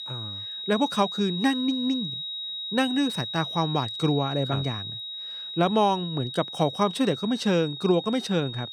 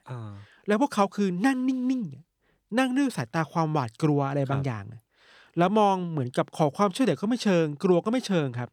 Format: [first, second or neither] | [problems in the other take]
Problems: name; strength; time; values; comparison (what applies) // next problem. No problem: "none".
second | high-pitched whine; loud; throughout; 4 kHz, 7 dB below the speech